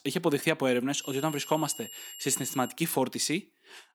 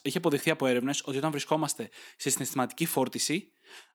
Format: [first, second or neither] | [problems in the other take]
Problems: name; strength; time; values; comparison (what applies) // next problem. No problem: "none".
second | high-pitched whine; noticeable; from 1 to 2.5 s; 7.5 kHz, 15 dB below the speech